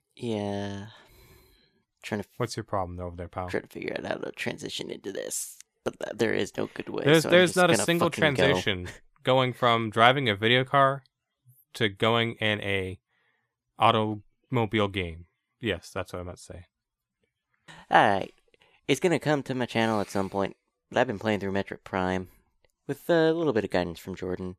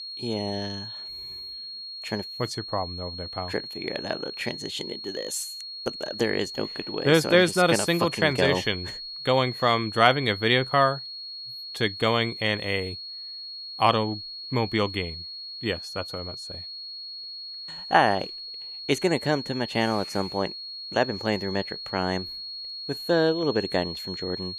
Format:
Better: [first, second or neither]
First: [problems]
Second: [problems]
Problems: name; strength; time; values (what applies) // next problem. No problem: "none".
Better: first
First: none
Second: high-pitched whine; loud; throughout; 4.5 kHz, 9 dB below the speech